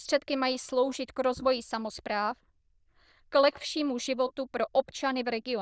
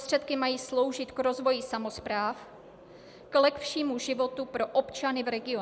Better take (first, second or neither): second